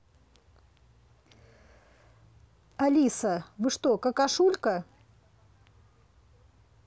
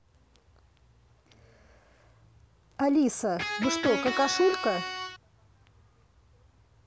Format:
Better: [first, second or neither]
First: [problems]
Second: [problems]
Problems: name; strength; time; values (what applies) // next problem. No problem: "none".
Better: first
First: none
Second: background sound (Electric guitar); 1 dB below the speech